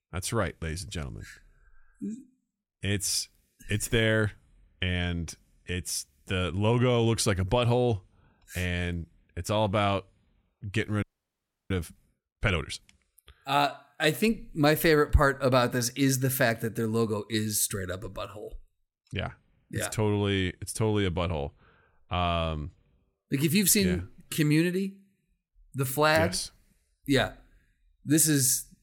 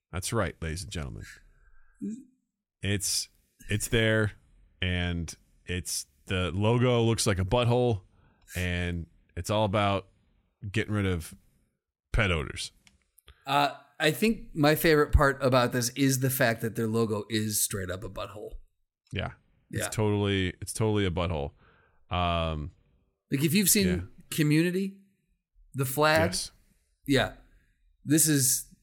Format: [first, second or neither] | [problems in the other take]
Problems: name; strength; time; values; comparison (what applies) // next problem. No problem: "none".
second | audio freezing; at 11 s for 0.5 s